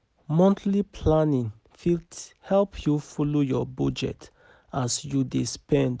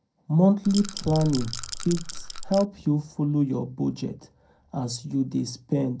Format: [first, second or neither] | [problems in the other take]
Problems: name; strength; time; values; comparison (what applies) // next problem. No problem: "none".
first | background sound (Rattle / Rattle (instrument)); 8 dB below the speech // room echo; dies away in 0.2 s